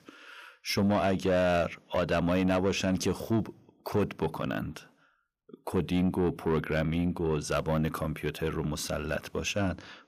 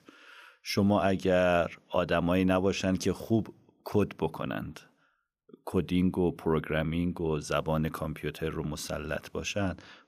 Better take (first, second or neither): second